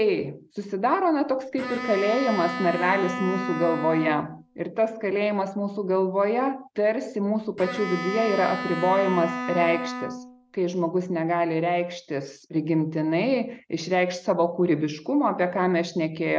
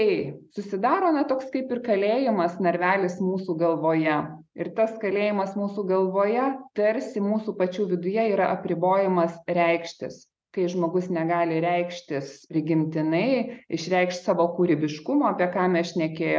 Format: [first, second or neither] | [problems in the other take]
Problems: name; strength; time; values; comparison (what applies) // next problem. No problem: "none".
second | background sound (Bowed string instrument); 8 dB below the speech